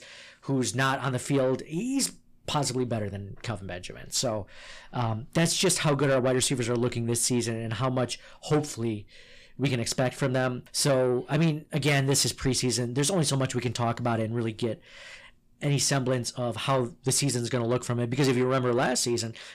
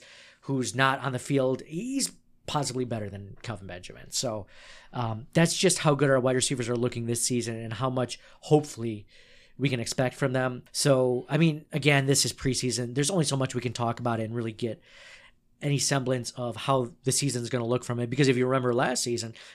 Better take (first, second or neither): second